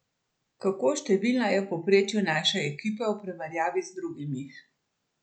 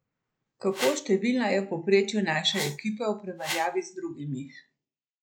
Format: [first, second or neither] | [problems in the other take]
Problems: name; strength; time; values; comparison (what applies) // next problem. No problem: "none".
first | noise reduction (neural mask model Resemble Enhance denoiser)